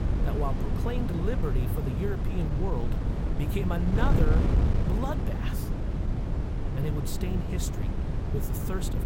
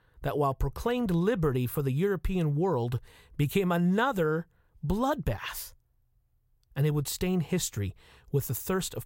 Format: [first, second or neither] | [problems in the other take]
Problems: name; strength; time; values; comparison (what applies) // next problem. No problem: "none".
second | wind noise on the microphone; heavy; 1 dB below the speech